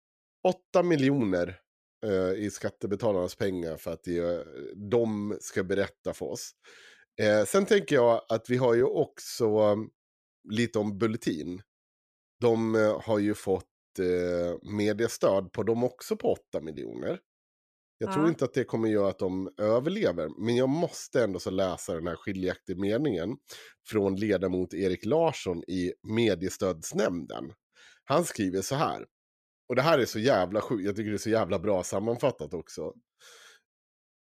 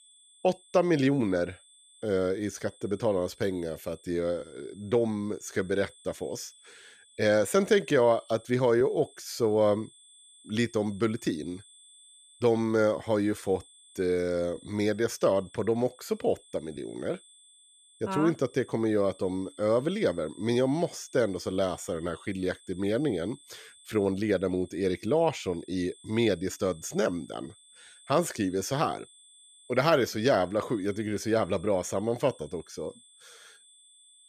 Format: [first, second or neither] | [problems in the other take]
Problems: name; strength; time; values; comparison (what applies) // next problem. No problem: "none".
first | high-pitched whine; faint; throughout; 3.5 kHz, 25 dB below the speech